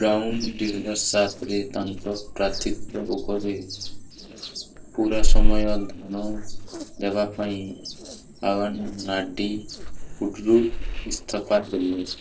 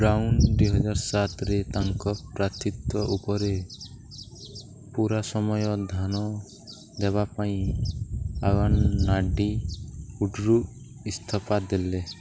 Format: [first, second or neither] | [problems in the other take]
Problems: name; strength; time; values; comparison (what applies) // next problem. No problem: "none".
second | noise reduction (neural separator model SepFormer DNS4)